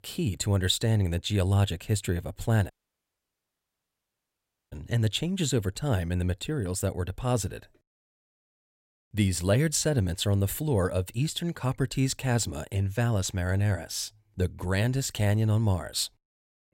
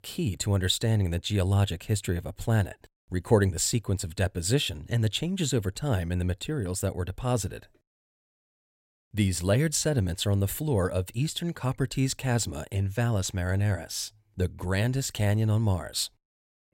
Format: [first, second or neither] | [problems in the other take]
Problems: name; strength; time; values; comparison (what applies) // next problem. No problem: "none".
second | audio cutting out; at 2.5 s for 2 s